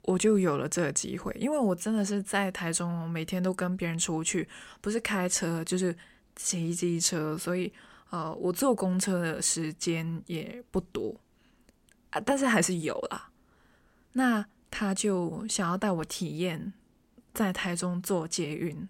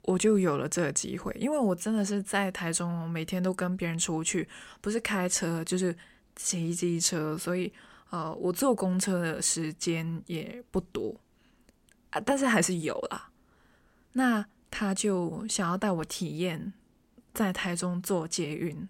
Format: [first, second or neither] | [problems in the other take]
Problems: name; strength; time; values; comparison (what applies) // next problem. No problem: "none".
neither | none